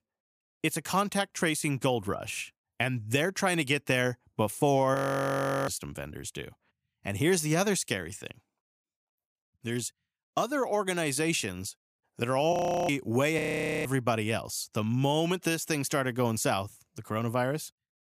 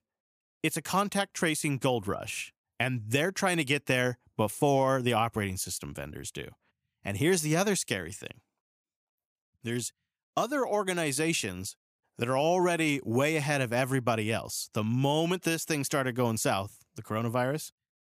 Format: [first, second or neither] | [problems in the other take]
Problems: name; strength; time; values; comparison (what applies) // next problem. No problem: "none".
second | audio freezing; at 5 s for 0.5 s and at 13 s